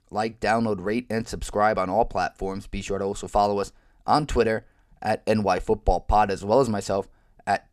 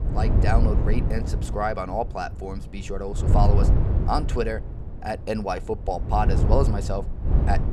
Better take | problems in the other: first | wind noise on the microphone; heavy; 7 dB below the speech

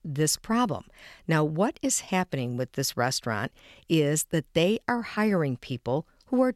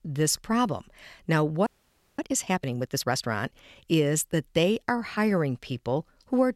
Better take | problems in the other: first | audio freezing; at 1.5 s for 0.5 s

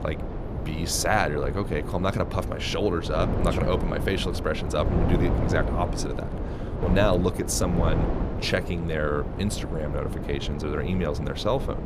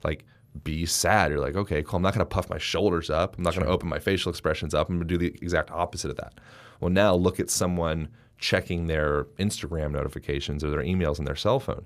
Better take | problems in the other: second | wind noise on the microphone; heavy; 7 dB below the speech

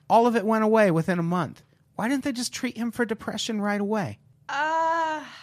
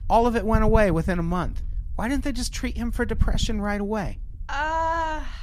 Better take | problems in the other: first | low rumble; faint; throughout; 20 dB below the speech

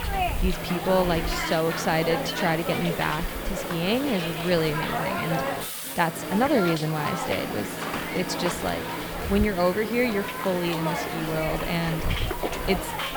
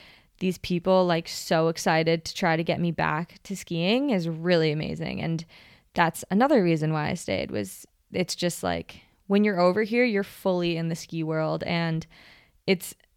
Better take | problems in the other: second | hiss; loud; throughout; 2 dB below the speech

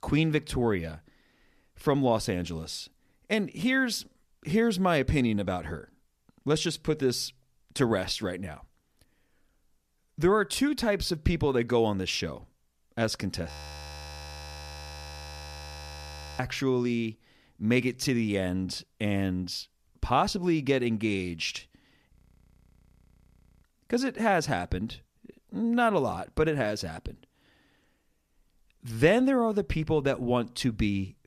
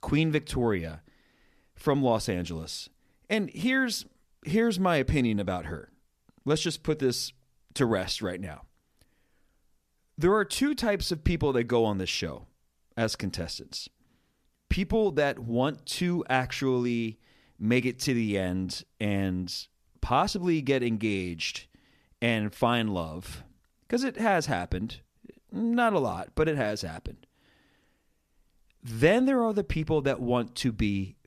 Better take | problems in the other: second | audio freezing; at 13 s for 3 s and at 22 s for 1.5 s

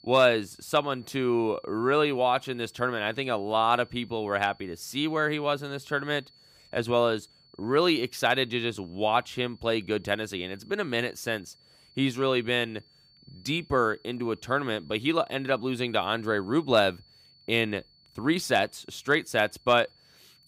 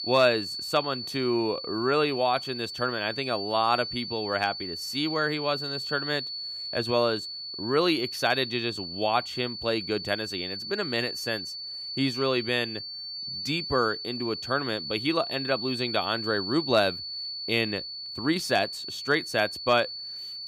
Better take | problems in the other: first | high-pitched whine; loud; throughout; 4.5 kHz, 6 dB below the speech; faint in the first

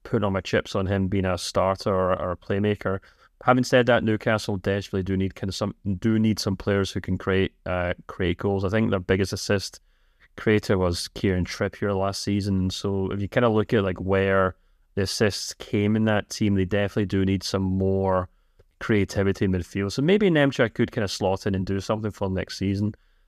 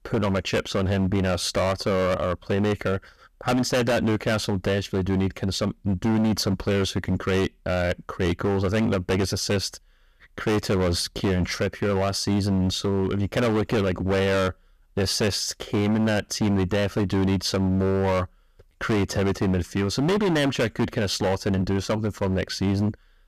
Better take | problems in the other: first | distortion; heavy; 19% of the sound clipped

